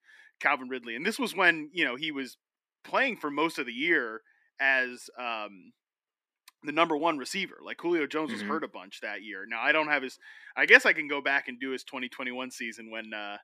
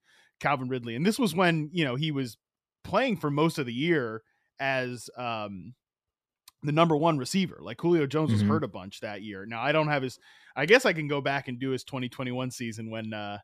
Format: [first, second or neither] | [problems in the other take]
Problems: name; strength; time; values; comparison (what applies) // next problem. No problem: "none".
second | thin; somewhat; fading below 250 Hz